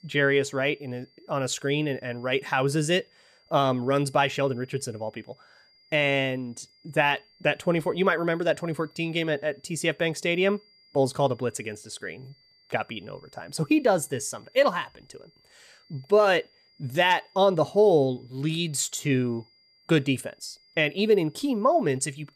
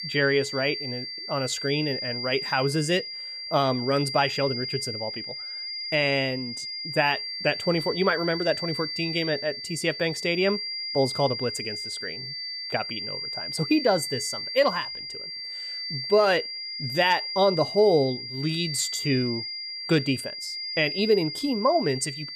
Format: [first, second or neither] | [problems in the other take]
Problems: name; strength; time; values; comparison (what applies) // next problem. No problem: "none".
first | high-pitched whine; loud; throughout; 5 kHz, 5 dB below the speech; faint in the first